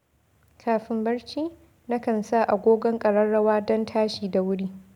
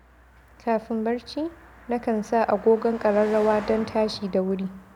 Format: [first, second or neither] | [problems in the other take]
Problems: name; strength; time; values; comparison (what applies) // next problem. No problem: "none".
first | background sound (Car passing by); 18 dB below the speech